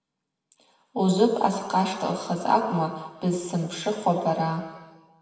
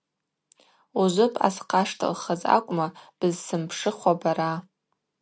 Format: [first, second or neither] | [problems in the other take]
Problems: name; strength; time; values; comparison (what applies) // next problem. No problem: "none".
second | room echo; dies away in 1.4 s